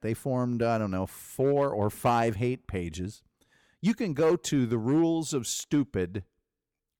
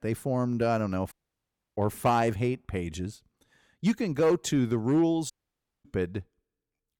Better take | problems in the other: first | audio cutting out; at 1 s for 0.5 s and at 5.5 s for 0.5 s

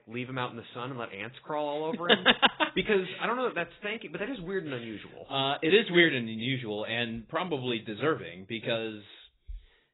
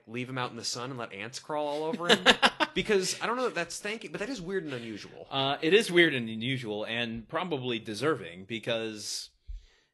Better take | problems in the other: second | garbled, watery; badly; nothing above 4 kHz; slightly in the second

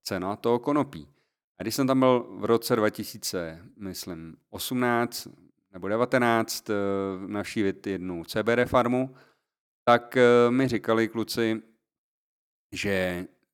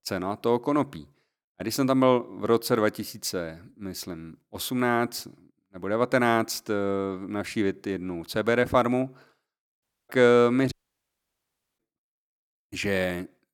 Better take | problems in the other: first | audio cutting out; at 10 s and at 11 s for 1 s

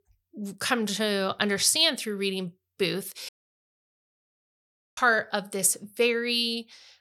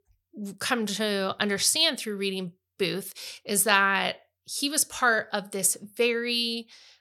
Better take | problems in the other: second | audio cutting out; at 3.5 s for 1.5 s

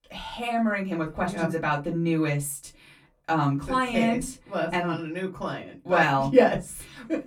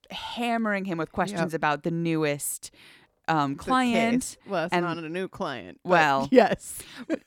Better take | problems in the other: second | off-mic speech; far // room echo; very slight; dies away in 0.2 s

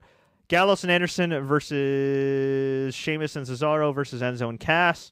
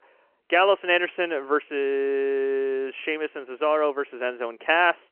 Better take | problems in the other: first | phone-call audio; nothing above 3 kHz

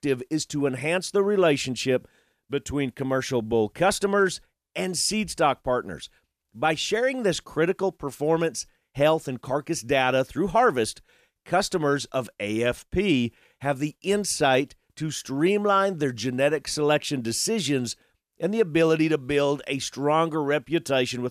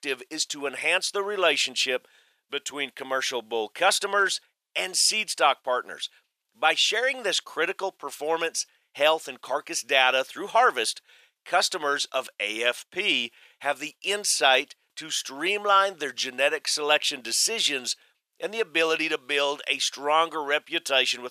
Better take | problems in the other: first | thin; very; fading below 700 Hz

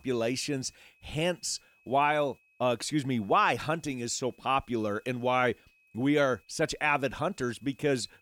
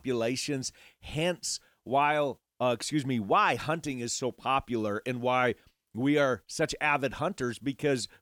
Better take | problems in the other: second | high-pitched whine; faint; throughout; 2.5 kHz, 35 dB below the speech

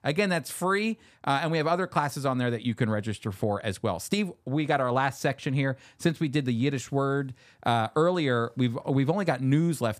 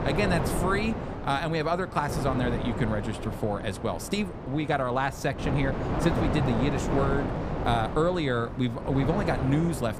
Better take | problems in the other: first | wind noise on the microphone; heavy; 5 dB below the speech

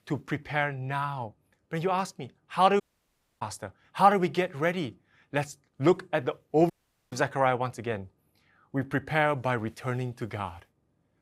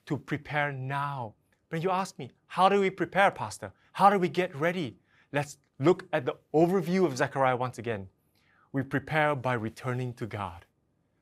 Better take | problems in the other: second | audio cutting out; at 3 s for 0.5 s and at 6.5 s

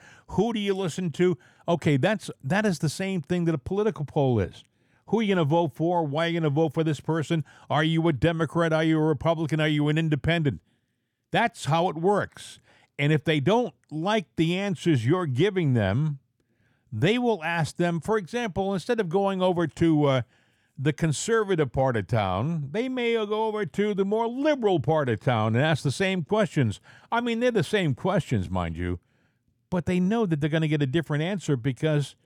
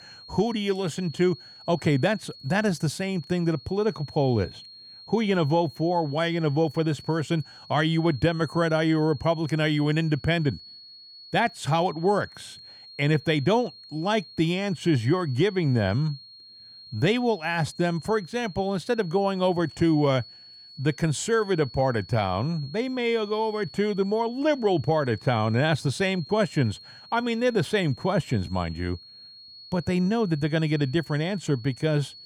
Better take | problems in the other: first | high-pitched whine; noticeable; throughout; 4.5 kHz, 20 dB below the speech

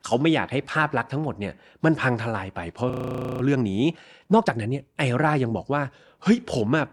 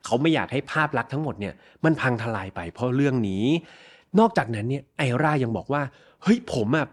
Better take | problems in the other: second | audio freezing; at 3 s for 0.5 s

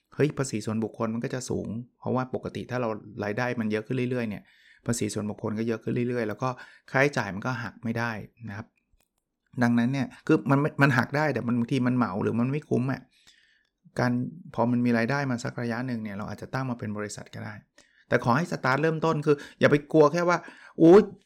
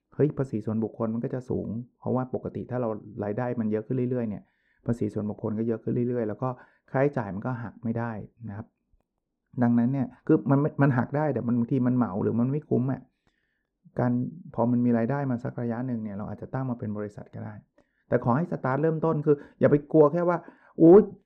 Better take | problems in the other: first | muffled; very; fading above 2 kHz

